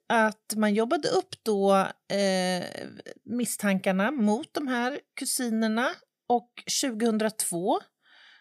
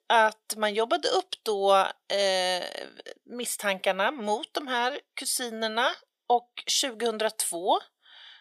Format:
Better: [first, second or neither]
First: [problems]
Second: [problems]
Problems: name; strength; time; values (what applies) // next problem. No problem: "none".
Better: first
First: none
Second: thin; somewhat; fading below 500 Hz